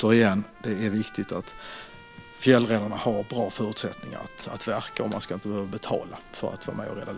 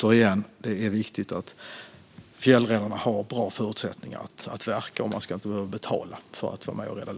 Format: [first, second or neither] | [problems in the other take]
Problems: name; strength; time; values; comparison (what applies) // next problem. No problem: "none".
second | background sound (Trumpet + Telephone); 20 dB below the speech